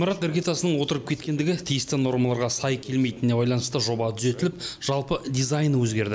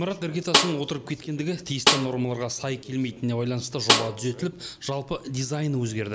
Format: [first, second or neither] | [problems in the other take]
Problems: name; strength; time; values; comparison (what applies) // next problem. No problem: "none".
first | background sound (Snare drum); 1 dB above the speech